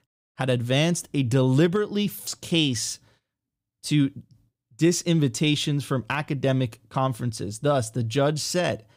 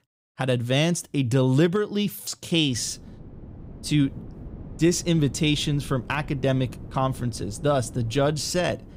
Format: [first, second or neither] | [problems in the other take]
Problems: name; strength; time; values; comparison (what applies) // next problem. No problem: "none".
first | wind noise on the microphone; occasional gusts; from 2.5 s on; 20 dB below the speech